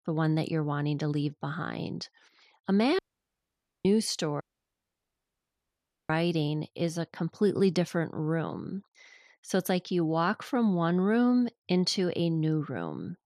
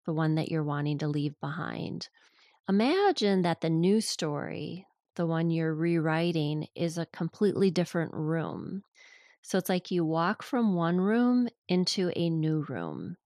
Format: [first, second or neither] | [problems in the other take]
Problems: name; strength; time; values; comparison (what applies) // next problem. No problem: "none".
second | audio cutting out; at 3 s for 1 s and at 4.5 s for 1.5 s